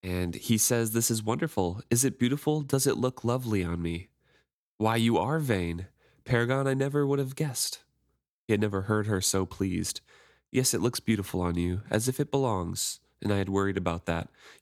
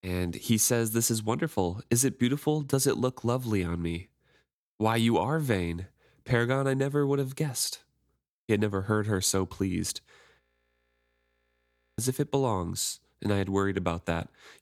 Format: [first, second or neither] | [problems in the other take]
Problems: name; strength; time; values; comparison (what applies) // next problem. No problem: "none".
first | audio freezing; at 10 s for 1.5 s